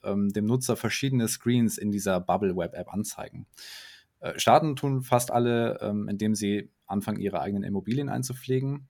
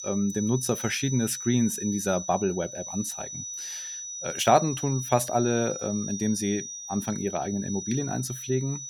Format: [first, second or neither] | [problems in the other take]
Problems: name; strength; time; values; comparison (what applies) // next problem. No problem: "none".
first | high-pitched whine; loud; throughout; 6 kHz, 7 dB below the speech